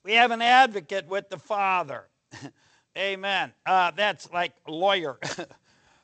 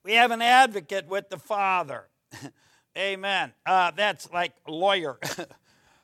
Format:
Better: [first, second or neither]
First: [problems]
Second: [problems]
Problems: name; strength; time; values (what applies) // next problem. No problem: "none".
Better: second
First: garbled, watery; slightly; nothing above 8 kHz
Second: none